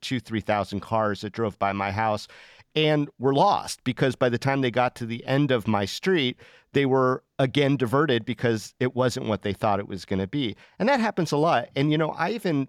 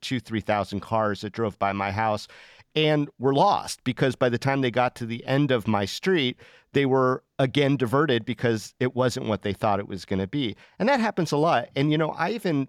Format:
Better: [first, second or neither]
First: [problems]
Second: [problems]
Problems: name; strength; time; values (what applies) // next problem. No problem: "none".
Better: neither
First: none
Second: none